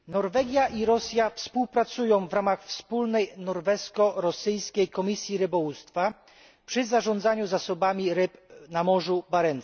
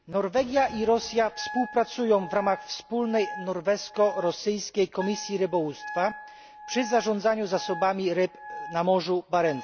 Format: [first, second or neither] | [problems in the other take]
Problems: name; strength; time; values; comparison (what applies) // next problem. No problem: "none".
first | background sound (Wind instrument, woodwind instrument); 14 dB below the speech